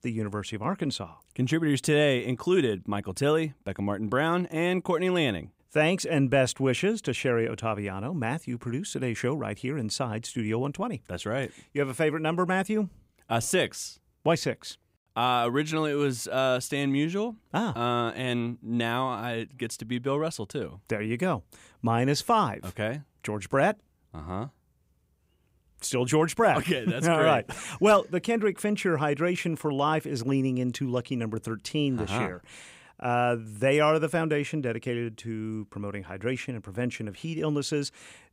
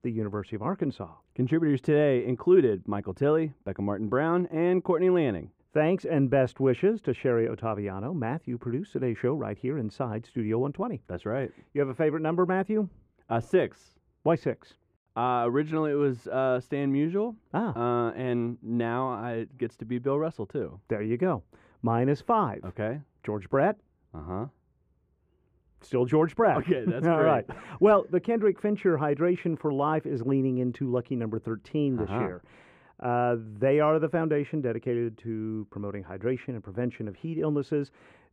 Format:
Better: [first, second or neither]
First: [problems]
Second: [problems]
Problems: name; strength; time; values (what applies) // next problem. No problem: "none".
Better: first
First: none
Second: muffled; very; fading above 3 kHz